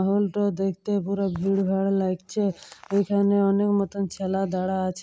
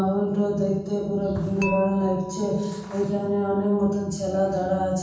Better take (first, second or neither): first